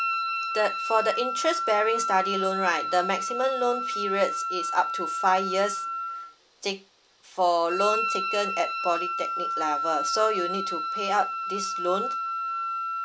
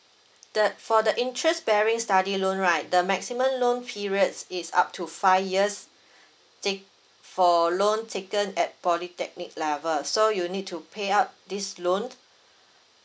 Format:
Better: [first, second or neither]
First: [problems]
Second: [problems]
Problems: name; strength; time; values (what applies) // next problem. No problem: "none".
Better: second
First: background sound (Wind instrument, woodwind instrument); 2 dB below the speech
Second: none